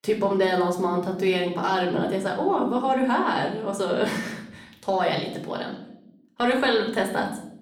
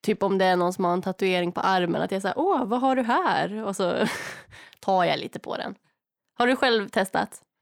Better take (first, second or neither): second